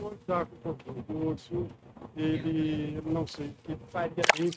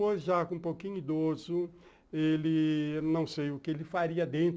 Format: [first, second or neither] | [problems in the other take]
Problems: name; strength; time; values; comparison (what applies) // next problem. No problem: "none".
second | noise reduction (neural mask model RNNoise)